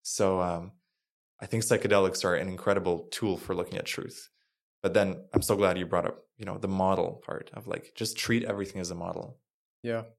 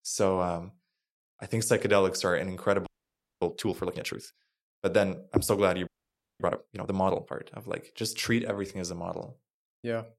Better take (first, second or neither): first